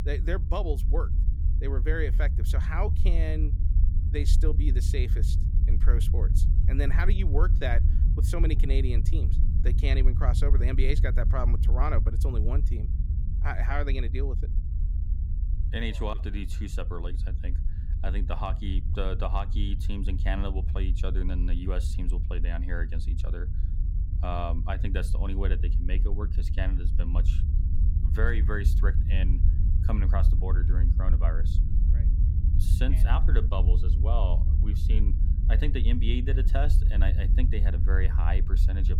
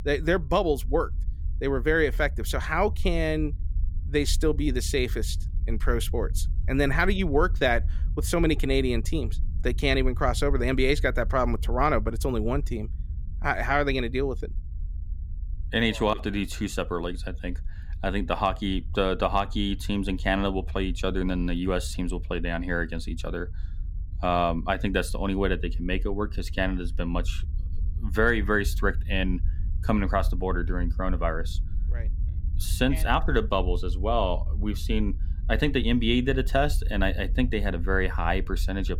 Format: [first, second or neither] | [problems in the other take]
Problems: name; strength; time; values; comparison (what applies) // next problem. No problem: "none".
second | low rumble; loud; throughout; 8 dB below the speech; faint in the second